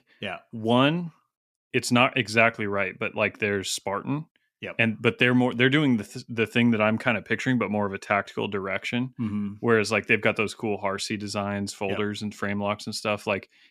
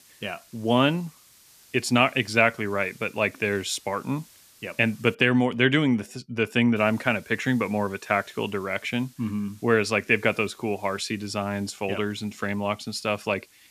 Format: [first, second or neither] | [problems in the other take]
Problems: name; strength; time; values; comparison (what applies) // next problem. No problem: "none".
first | hiss; faint; until 5 s and from 7 s on; 25 dB below the speech